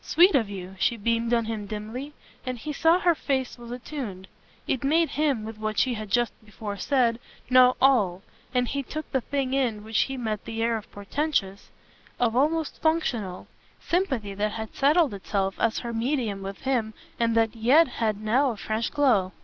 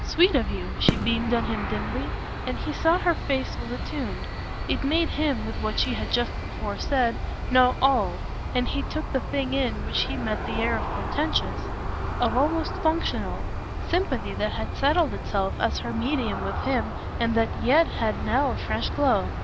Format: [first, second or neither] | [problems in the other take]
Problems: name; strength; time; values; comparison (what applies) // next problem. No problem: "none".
first | background sound (Fireworks + Aircraft); 3 dB below the speech